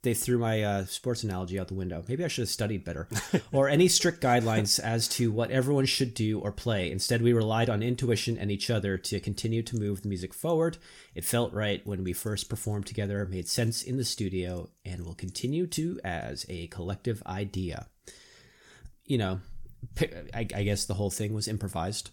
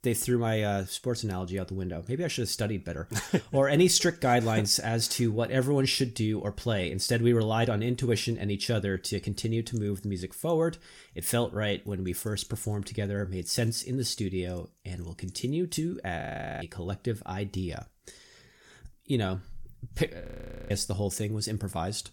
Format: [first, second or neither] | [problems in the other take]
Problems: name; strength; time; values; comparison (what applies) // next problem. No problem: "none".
first | audio freezing; at 16 s and at 20 s